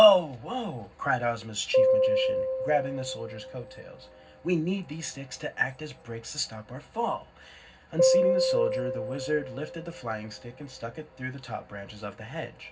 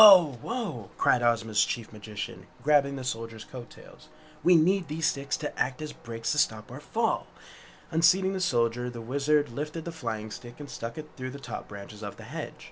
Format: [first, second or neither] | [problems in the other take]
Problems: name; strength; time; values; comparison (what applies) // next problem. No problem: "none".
second | background sound (Piano); 1 dB above the speech // room echo; dies away in 0.4 s